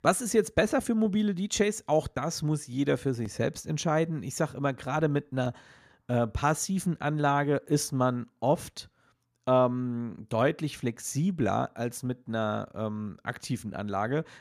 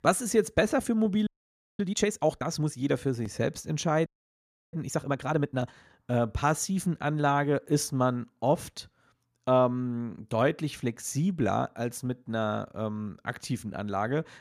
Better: first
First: none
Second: audio freezing; at 1.5 s for 0.5 s and at 4 s for 0.5 s

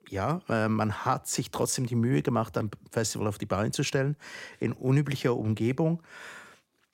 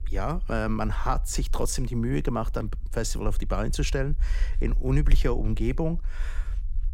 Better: first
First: none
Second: low rumble; faint; throughout; 25 dB below the speech

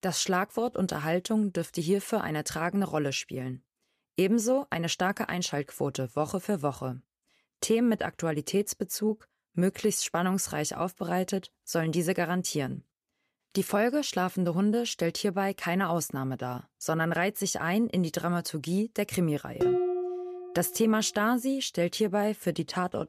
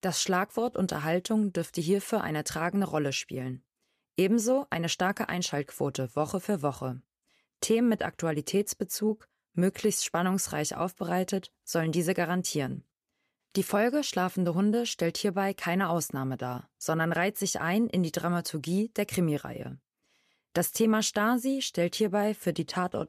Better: second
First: clattering dishes; loud; at 20 s; peak 3 dB above the speech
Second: none

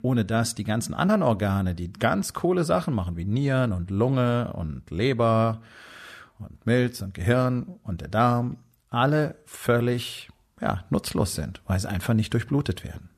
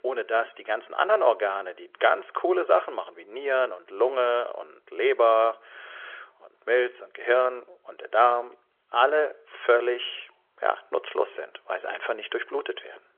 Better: first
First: none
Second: phone-call audio; nothing above 3.5 kHz

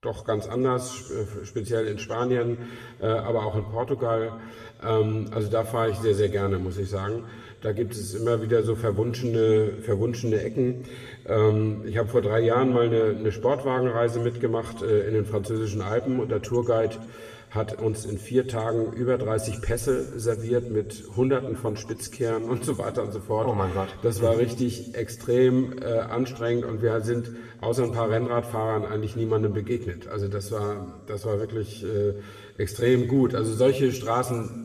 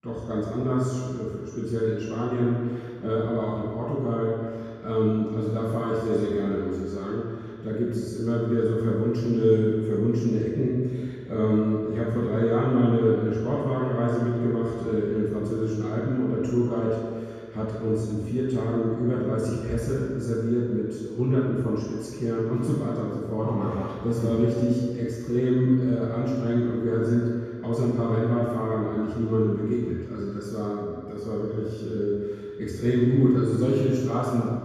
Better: first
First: room echo; slight; dies away in 1.6 s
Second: room echo; strong; dies away in 2 s // off-mic speech; far

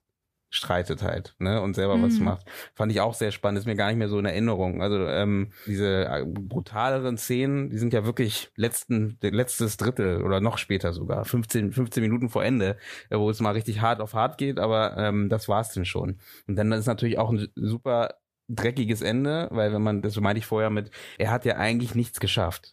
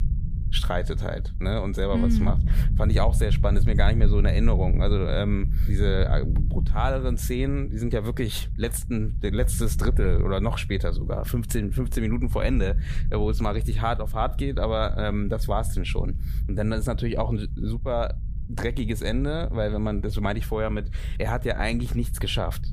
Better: first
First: none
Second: low rumble; noticeable; throughout; 15 dB below the speech

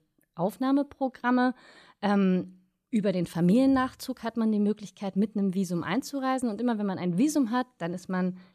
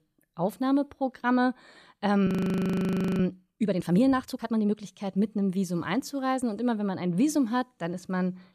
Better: first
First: none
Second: audio freezing; at 2.5 s for 1 s

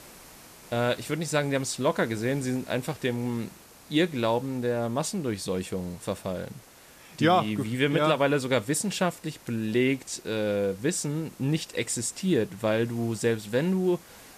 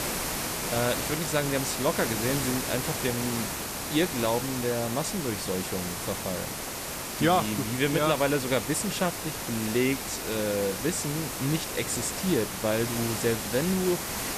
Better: first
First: hiss; faint; throughout; 20 dB below the speech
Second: hiss; loud; throughout; 3 dB below the speech

